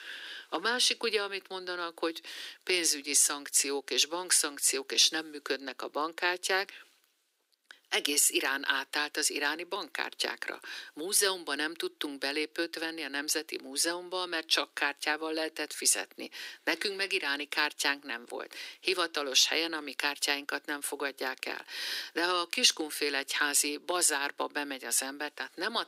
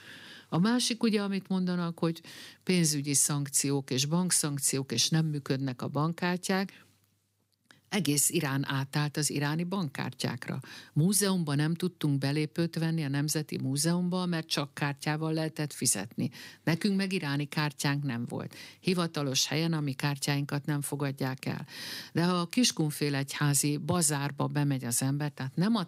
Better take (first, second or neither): second